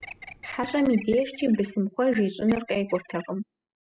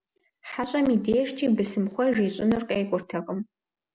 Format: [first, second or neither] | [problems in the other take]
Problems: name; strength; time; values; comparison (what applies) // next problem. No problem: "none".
second | noise reduction (classical method spectral subtraction)